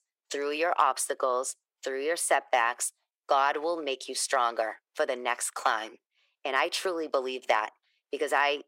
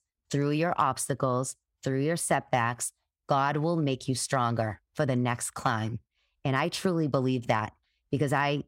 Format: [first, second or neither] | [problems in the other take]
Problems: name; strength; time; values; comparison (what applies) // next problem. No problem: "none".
second | thin; very; fading below 400 Hz